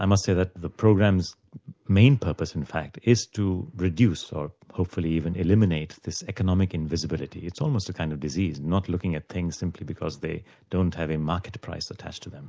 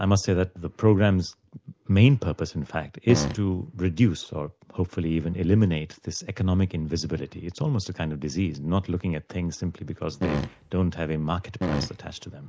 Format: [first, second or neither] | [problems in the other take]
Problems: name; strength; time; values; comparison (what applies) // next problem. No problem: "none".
first | background sound (Fart); 4 dB below the speech